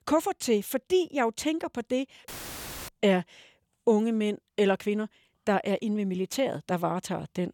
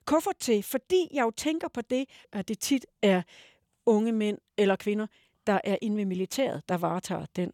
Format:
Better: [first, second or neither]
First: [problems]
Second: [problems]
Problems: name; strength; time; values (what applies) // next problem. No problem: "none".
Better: second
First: audio cutting out; filled with static; at 2.5 s for 0.5 s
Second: none